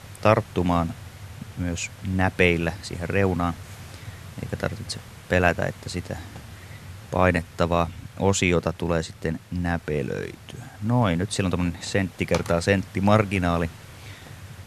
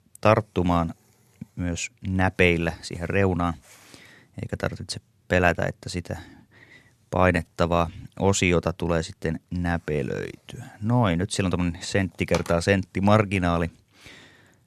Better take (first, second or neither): second